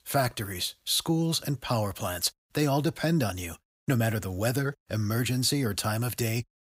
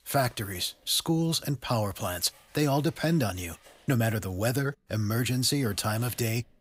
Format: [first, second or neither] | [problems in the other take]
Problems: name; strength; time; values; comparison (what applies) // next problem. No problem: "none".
first | household noises; faint; throughout; 25 dB below the speech